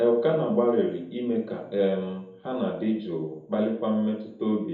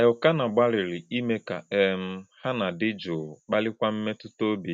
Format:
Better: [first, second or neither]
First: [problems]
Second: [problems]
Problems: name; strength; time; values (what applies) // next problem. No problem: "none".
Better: second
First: room echo; dies away in 2.6 s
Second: none